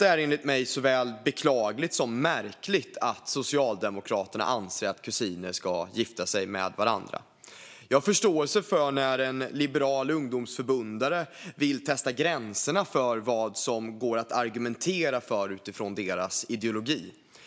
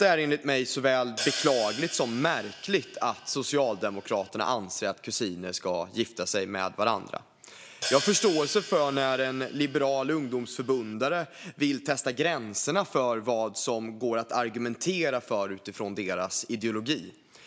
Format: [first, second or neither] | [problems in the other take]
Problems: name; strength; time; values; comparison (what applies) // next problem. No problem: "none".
first | background sound (Hi-hat); 10 dB below the speech